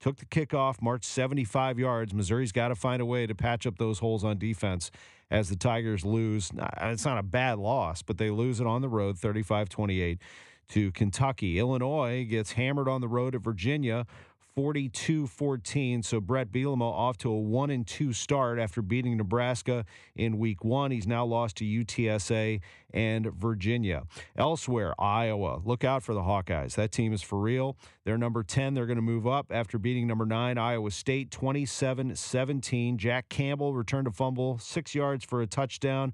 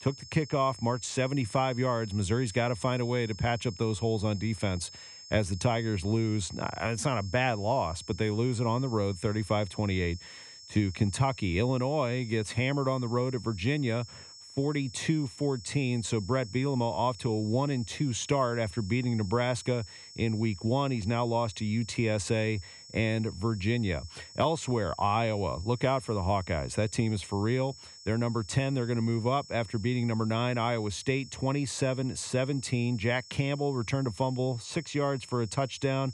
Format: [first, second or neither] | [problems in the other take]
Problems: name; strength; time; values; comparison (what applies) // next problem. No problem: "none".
first | high-pitched whine; noticeable; throughout; 5.5 kHz, 15 dB below the speech